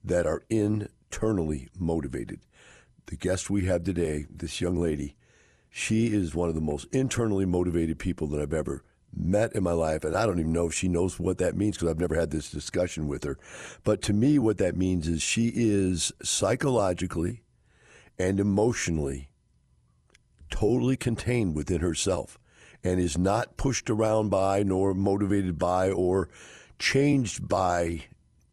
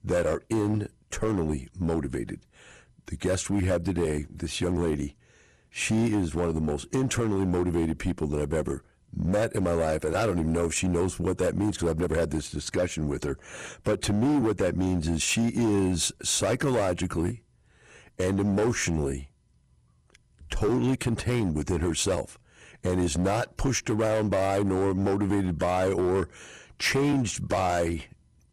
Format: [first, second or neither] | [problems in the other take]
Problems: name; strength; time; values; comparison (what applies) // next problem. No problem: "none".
first | distortion; slight; 11% of the sound clipped